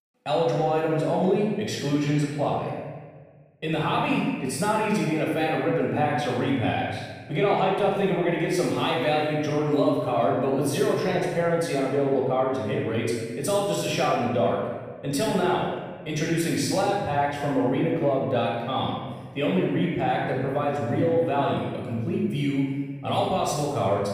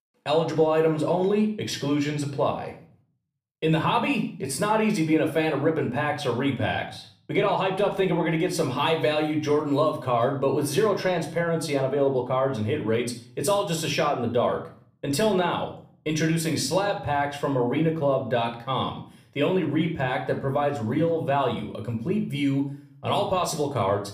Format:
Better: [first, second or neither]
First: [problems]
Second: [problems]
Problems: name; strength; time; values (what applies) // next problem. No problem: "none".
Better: second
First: room echo; strong; dies away in 1.3 s // off-mic speech; far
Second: room echo; slight; dies away in 0.5 s